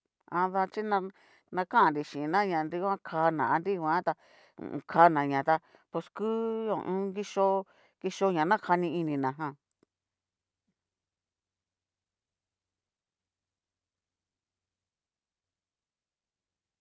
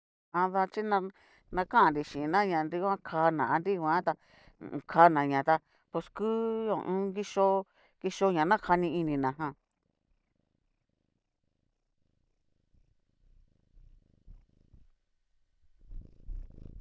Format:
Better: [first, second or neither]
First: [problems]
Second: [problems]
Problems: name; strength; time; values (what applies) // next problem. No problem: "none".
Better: first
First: none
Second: noise reduction (neural mask model DeepFilterNet 3)